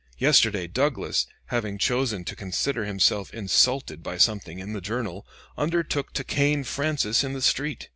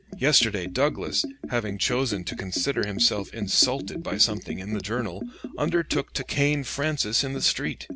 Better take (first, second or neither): first